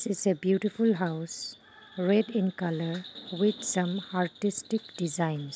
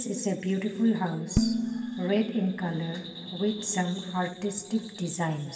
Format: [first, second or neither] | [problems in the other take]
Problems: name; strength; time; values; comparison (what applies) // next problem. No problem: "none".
first | background sound (Dishes, pots, and pans); 5 dB below the speech // room echo; dies away in 2.2 s